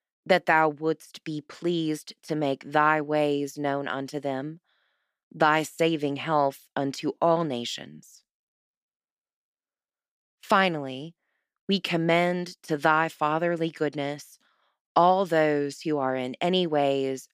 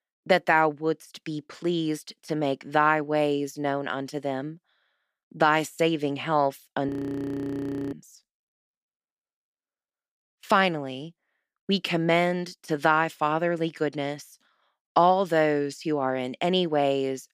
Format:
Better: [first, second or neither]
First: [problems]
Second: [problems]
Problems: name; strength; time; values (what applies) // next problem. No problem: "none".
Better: first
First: none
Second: audio freezing; at 7 s for 1 s